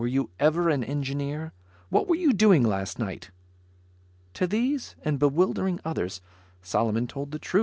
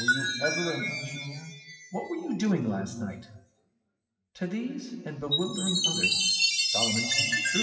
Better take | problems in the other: first | noise reduction (classical method WPE with log-MMSE)

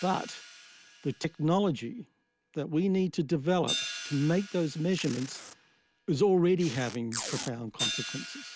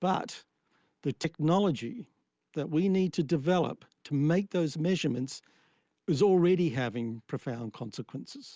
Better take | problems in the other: second | background sound (Hi-hat + Packing tape, duct tape); 11 dB below the speech

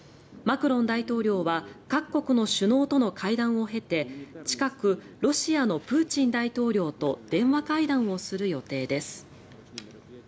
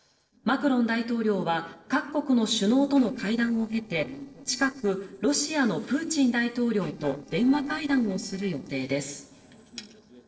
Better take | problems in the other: first | noise reduction (neural separator model SepFormer DNS4)

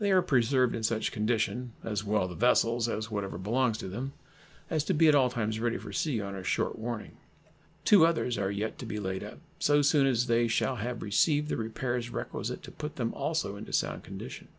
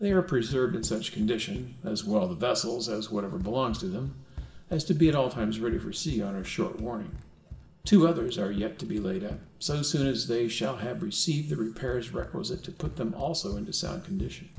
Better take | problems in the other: first | background sound (Run); 15 dB below the speech // room echo; dies away in 1.6 s

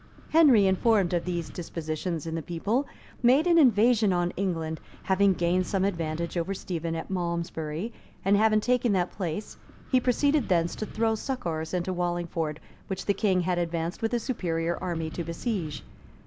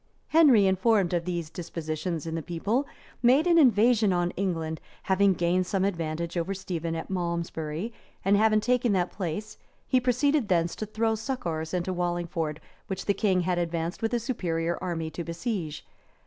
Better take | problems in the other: second | background sound (Wind); 18 dB below the speech

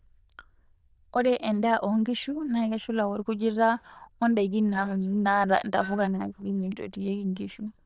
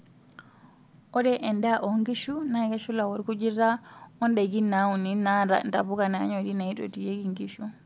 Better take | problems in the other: second | noise reduction (neural diffusion model UNIVERSE++)

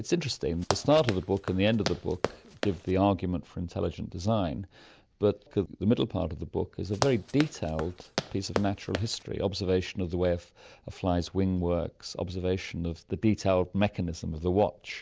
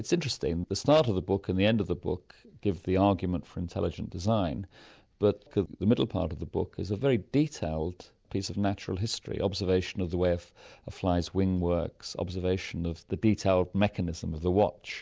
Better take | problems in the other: second | background sound (Run); 7 dB below the speech

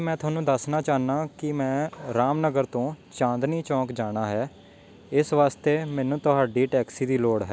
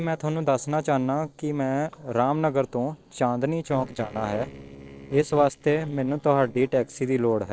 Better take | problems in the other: first | noise reduction (neural separator model SepFormer DNS4)

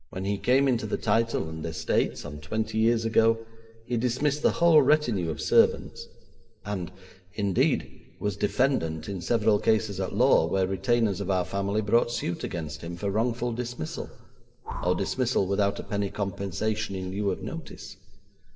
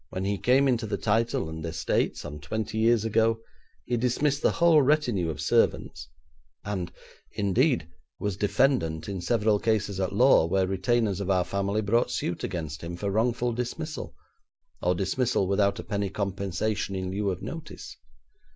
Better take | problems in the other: second | background sound (Breathing); 13 dB below the speech // room echo; dies away in 1.4 s

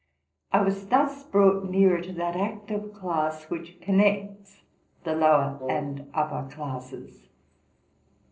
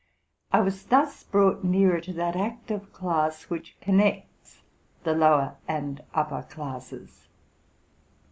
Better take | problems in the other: second | noise reduction (neural separator model SepFormer DNS4)

